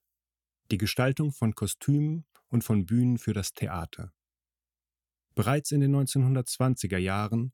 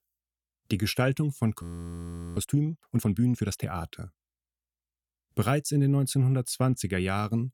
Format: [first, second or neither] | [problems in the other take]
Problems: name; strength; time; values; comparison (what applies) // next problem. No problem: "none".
first | audio freezing; at 1.5 s for 0.5 s